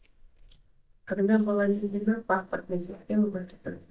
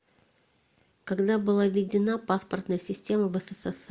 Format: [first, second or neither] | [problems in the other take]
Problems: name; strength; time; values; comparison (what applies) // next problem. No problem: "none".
second | noise reduction (neural mask model DeepFilterNet 3)